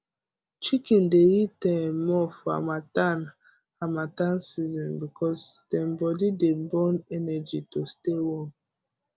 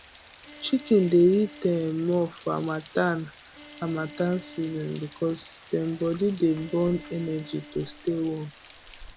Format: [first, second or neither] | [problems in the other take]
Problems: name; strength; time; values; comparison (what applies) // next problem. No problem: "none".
first | background sound (Bowed string instrument + Rain); 20 dB below the speech